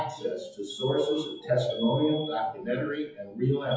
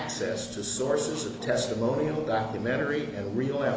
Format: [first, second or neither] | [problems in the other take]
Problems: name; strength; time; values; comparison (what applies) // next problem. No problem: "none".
second | noise reduction (classical method WPE with log-MMSE)